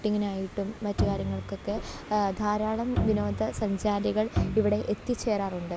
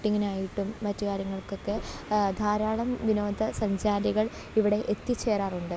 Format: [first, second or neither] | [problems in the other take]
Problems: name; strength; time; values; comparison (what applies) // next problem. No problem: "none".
second | background sound (Bowed string instrument); 5 dB below the speech